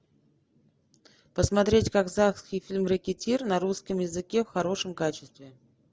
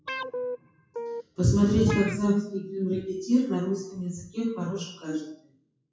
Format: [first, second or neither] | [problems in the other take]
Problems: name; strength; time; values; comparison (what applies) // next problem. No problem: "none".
first | noise reduction (classical method WPE with log-MMSE)